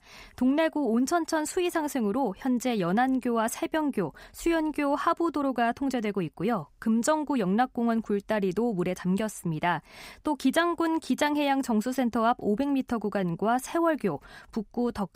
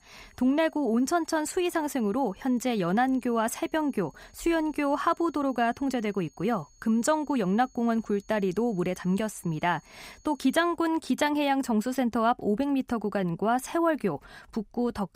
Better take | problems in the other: first | high-pitched whine; faint; until 11 s; 6.5 kHz, 35 dB below the speech

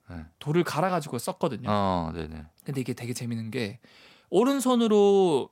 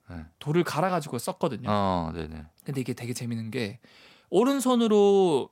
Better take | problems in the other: neither | none

